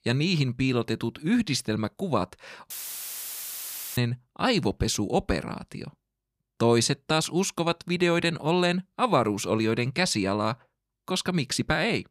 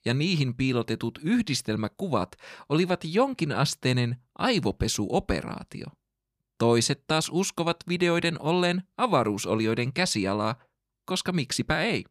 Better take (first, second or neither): second